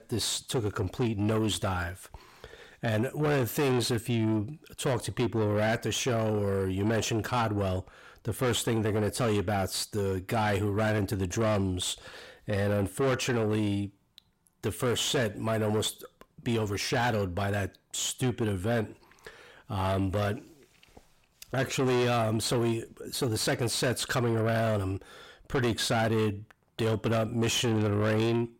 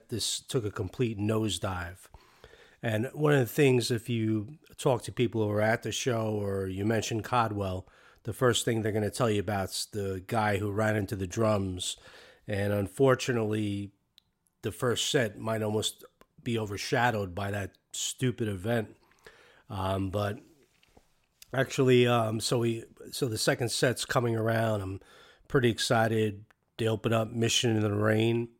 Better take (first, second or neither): second